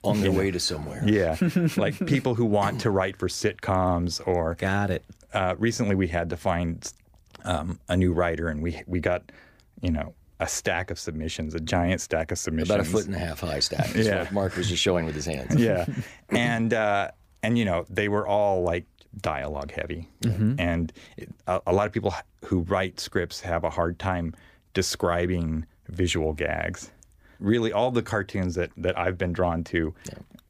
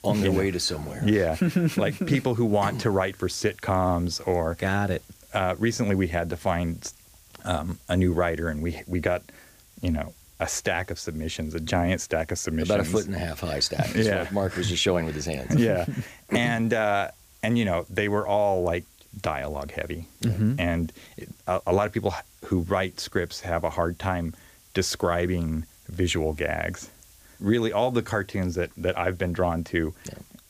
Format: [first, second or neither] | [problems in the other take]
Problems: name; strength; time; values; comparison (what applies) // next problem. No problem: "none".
first | hiss; faint; throughout; 25 dB below the speech